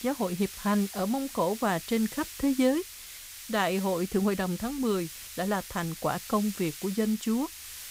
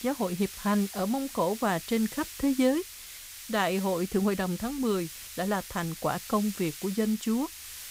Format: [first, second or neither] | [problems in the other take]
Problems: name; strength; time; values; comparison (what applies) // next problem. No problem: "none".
neither | hiss; noticeable; throughout; 10 dB below the speech; the same in both